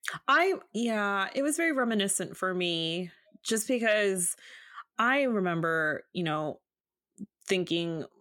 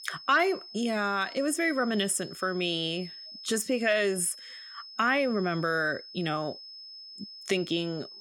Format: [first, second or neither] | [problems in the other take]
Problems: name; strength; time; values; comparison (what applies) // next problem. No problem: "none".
first | high-pitched whine; noticeable; throughout; 5 kHz, 15 dB below the speech